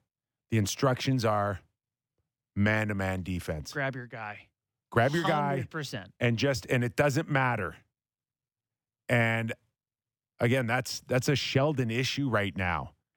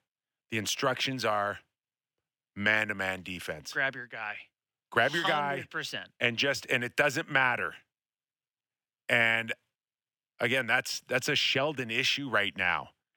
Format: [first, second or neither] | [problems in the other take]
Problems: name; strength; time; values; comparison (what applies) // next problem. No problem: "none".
first | thin; somewhat; fading below 950 Hz